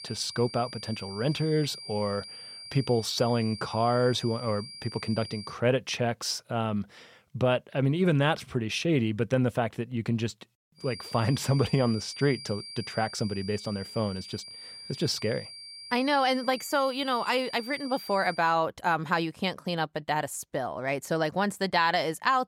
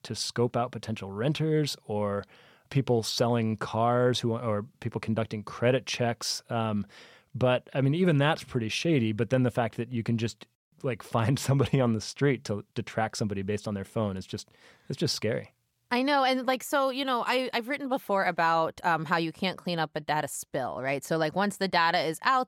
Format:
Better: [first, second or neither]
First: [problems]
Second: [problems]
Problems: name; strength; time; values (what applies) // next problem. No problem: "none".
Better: second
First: high-pitched whine; noticeable; until 5.5 s and from 11 to 18 s; 4.5 kHz, 10 dB below the speech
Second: none